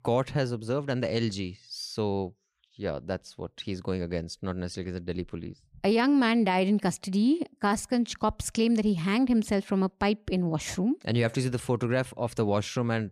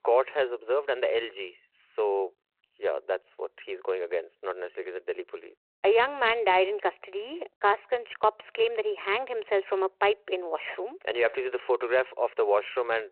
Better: first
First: none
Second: phone-call audio; nothing above 4 kHz

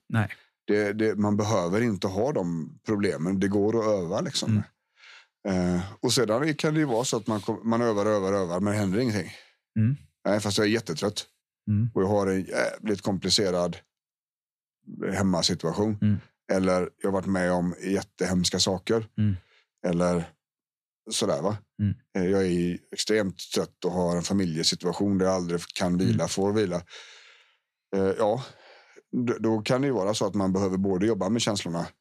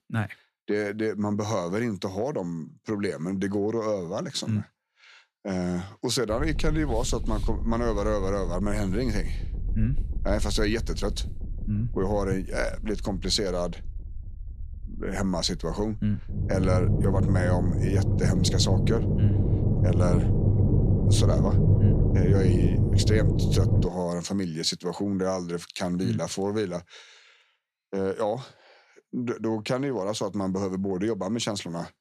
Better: first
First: none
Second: low rumble; loud; from 6.5 to 24 s; 3 dB below the speech

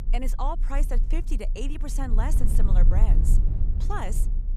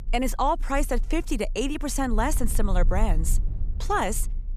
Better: second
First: low rumble; loud; throughout; 9 dB below the speech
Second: low rumble; faint; throughout; 25 dB below the speech

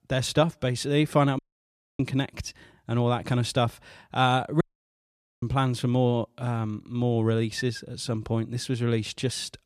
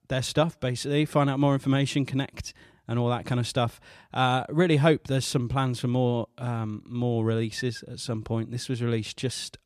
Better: second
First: audio cutting out; at 1.5 s for 0.5 s and at 4.5 s for 1 s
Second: none

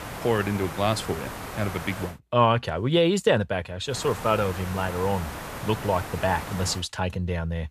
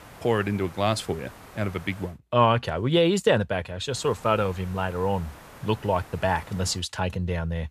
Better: second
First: hiss; loud; until 2 s and from 4 to 7 s; 10 dB below the speech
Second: hiss; faint; until 2 s and from 4 to 7 s; 20 dB below the speech

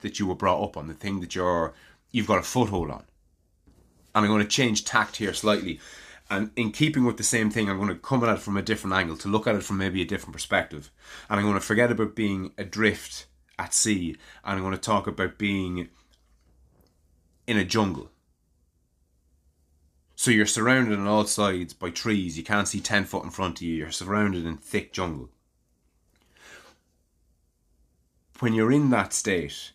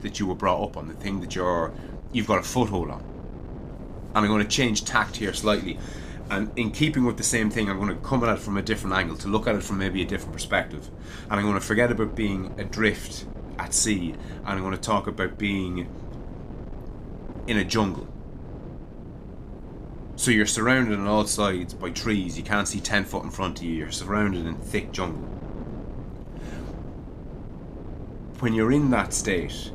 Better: first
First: none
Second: wind noise on the microphone; occasional gusts; 20 dB below the speech

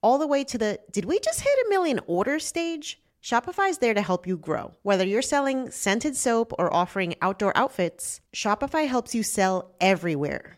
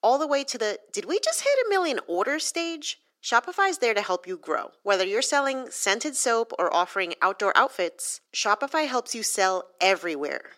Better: first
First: none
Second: thin; somewhat; fading below 300 Hz

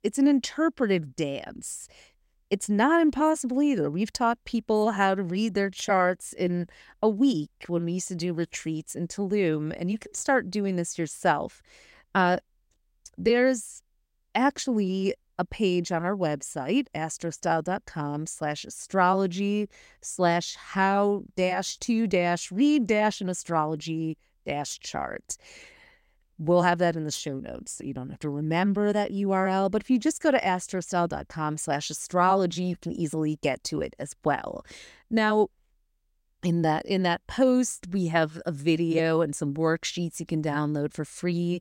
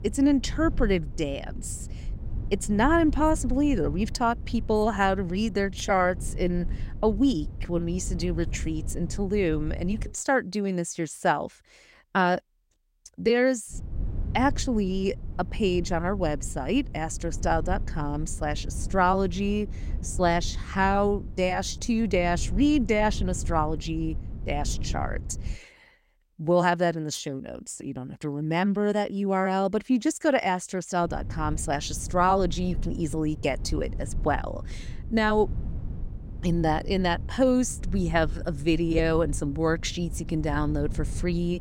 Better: first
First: none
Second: wind noise on the microphone; occasional gusts; until 10 s, from 14 to 26 s and from 31 s on; 20 dB below the speech

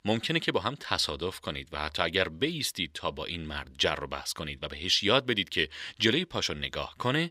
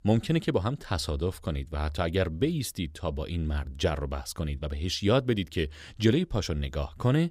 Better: second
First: thin; somewhat; fading below 600 Hz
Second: none

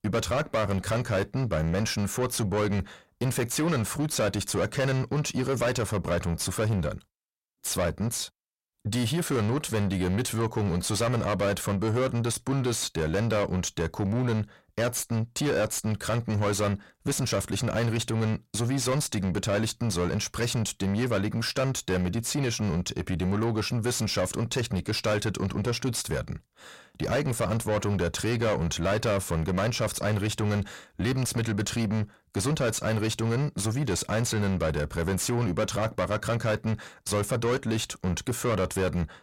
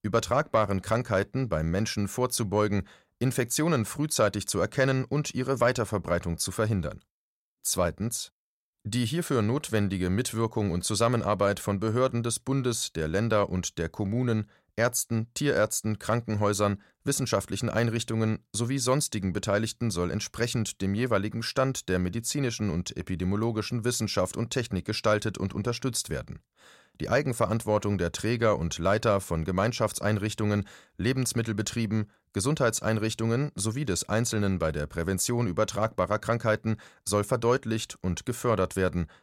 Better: second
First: distortion; heavy; 8 dB below the speech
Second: none

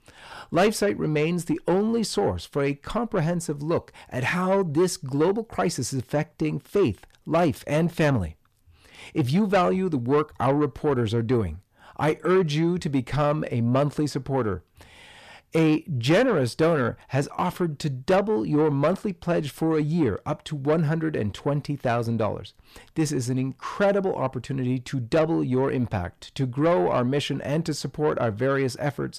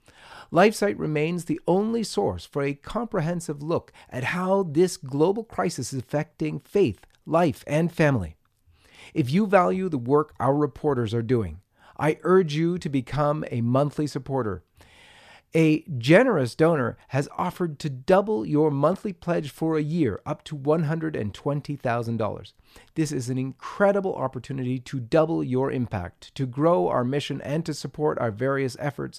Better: second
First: distortion; slight; 10 dB below the speech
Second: none

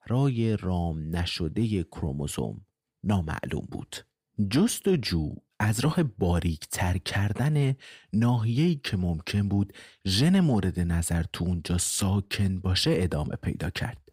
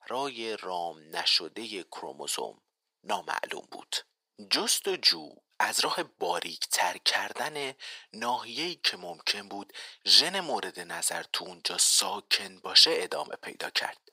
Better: first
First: none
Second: thin; very; fading below 500 Hz

